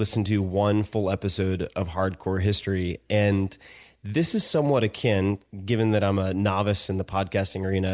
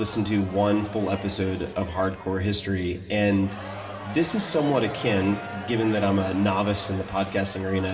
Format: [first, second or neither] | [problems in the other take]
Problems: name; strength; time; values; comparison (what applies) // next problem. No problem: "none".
first | background sound (Crowd); 14 dB below the speech // room echo; dies away in 2.6 s